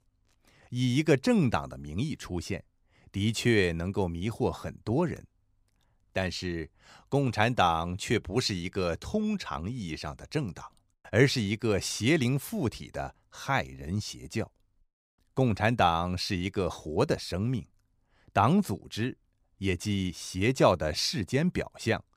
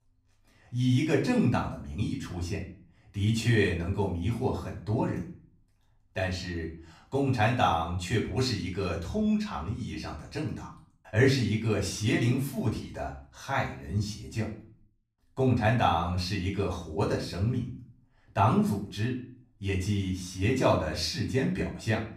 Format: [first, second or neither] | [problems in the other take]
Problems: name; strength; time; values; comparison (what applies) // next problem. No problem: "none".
first | off-mic speech; far // room echo; slight; dies away in 0.4 s